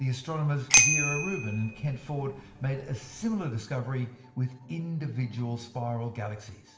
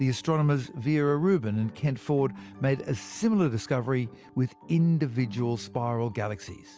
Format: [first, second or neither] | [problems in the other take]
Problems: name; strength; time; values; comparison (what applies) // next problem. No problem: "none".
second | background sound (Bicycle bell); 3 dB above the speech // room echo; dies away in 1.5 s